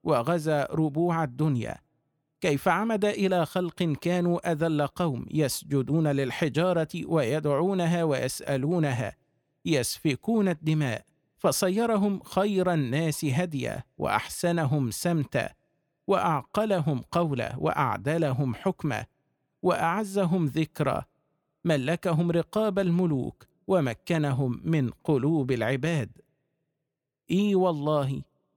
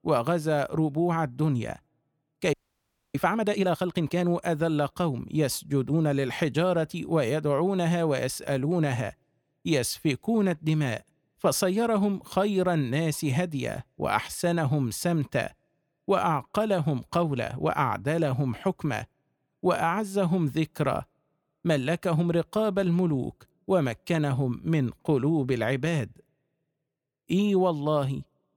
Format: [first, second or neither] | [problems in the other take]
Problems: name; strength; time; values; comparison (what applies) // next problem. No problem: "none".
first | audio freezing; at 2.5 s for 0.5 s